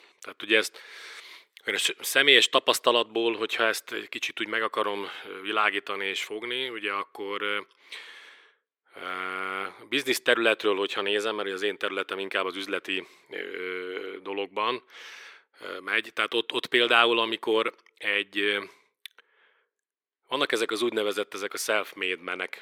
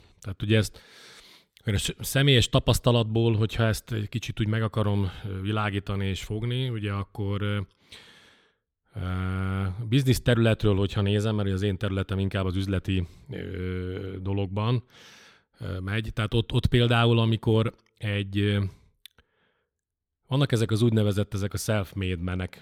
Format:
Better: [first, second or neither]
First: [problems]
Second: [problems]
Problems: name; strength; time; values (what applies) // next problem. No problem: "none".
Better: second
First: thin; very; fading below 350 Hz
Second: none